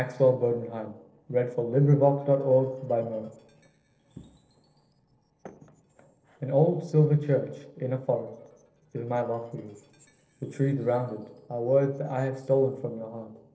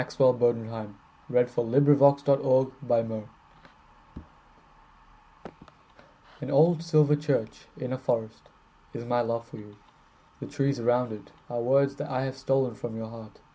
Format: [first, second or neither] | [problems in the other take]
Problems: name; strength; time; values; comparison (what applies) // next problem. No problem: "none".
second | noise reduction (neural separator model SepFormer DNS4)